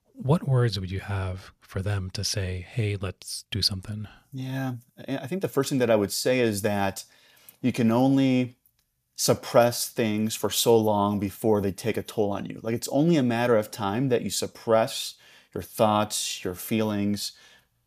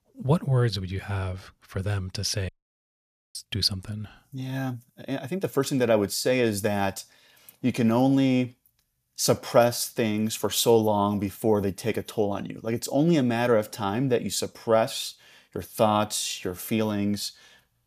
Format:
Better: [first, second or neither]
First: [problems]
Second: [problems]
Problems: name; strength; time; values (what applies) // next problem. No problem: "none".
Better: first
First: none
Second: audio cutting out; at 2.5 s for 1 s